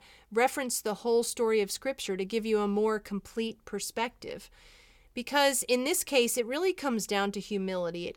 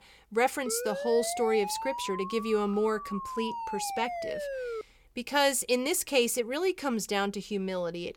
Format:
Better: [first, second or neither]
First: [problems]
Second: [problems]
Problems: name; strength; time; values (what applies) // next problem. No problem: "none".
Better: first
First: none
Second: siren; noticeable; from 0.5 to 5 s; peak 6 dB below the speech